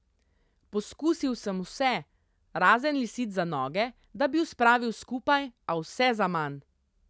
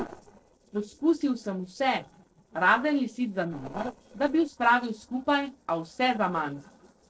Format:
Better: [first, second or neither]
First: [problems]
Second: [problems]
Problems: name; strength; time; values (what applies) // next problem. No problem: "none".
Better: first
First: none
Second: noise reduction (neural separator model SepFormer DNS4)